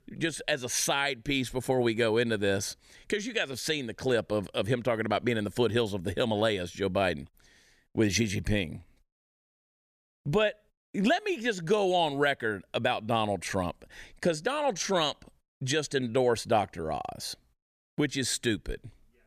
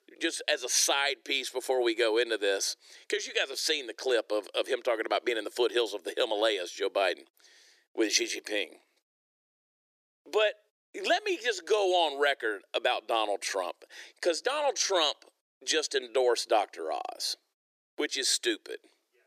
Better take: first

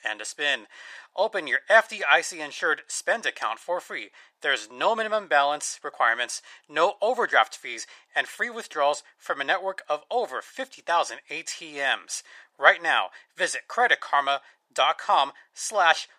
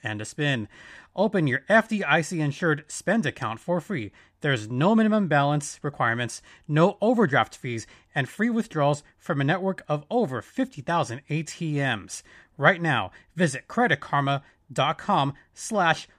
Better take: second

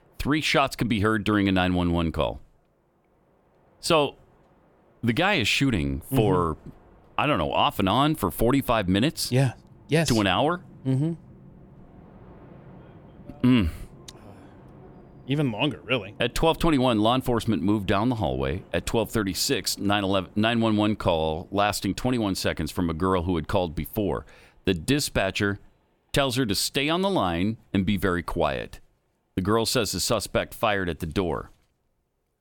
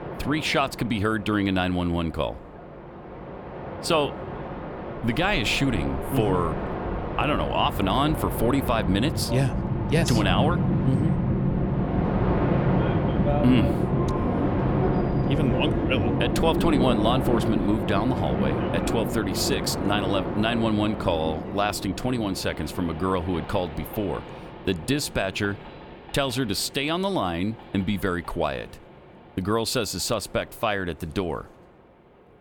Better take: first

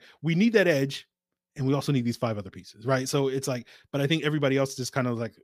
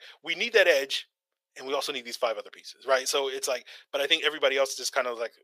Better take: first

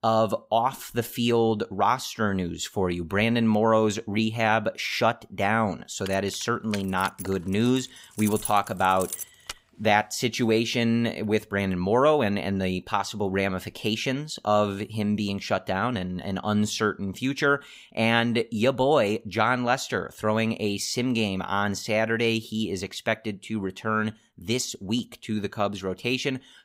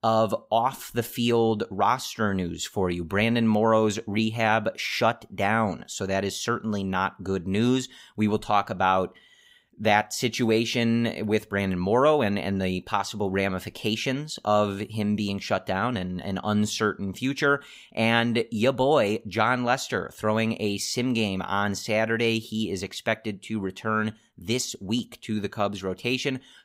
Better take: second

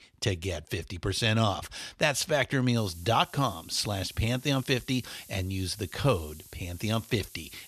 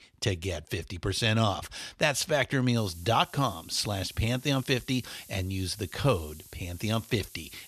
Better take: neither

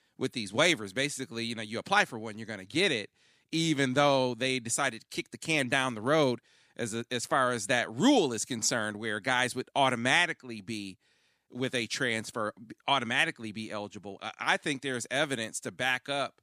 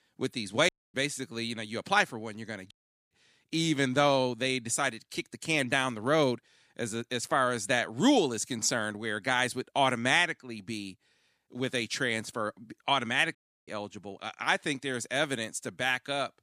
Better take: first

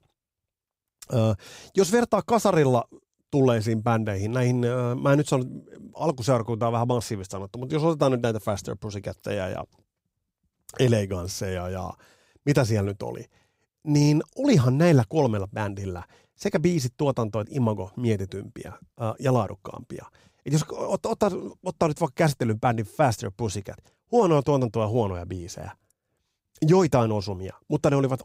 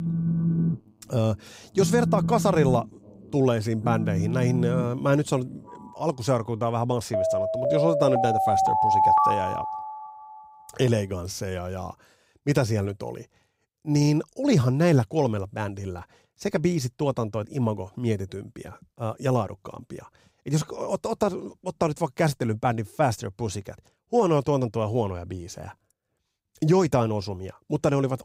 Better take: first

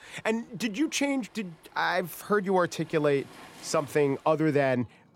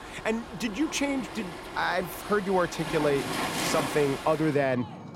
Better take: first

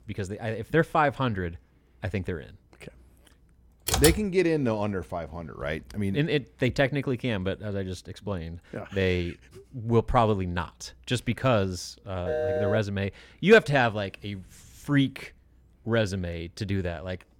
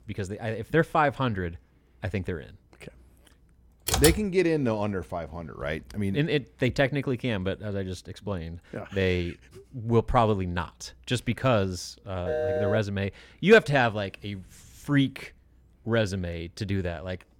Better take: neither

